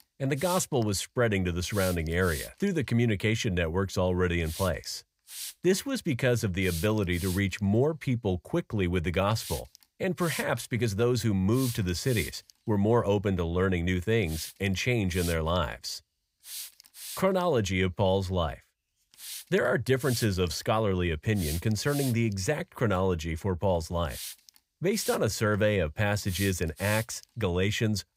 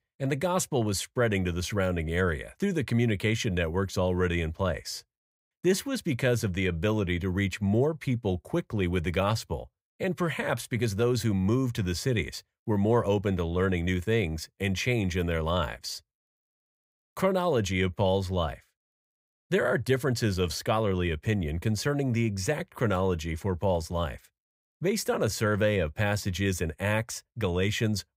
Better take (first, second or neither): second